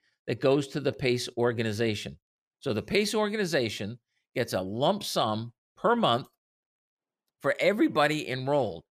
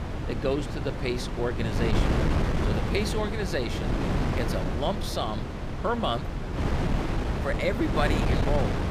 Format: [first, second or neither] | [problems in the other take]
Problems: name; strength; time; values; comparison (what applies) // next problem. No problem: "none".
first | wind noise on the microphone; heavy; 2 dB below the speech